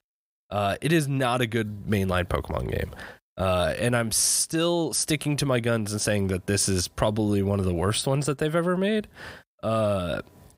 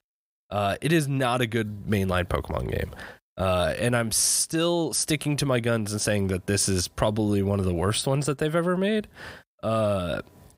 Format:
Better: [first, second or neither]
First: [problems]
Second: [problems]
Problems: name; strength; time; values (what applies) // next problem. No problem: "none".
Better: neither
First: none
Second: none